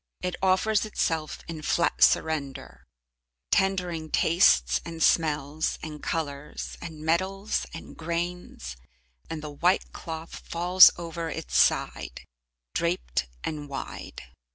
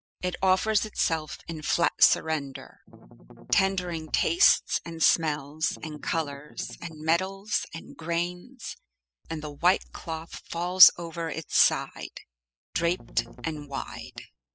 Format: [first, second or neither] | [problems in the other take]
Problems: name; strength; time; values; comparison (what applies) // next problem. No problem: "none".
first | noise reduction (classical method spectral subtraction)